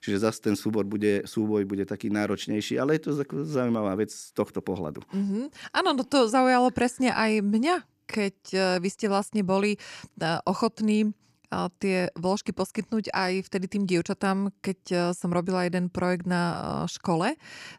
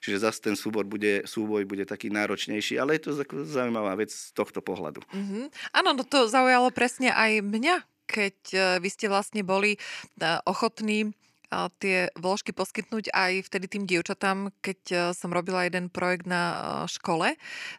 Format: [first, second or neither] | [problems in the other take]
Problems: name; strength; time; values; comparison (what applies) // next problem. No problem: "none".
first | thin; very slightly; fading below 400 Hz